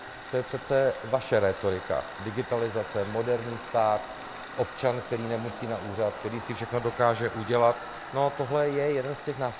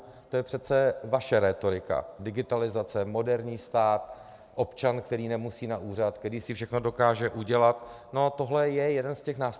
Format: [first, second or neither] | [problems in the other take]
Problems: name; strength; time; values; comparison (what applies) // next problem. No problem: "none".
second | background sound (Tools); 12 dB below the speech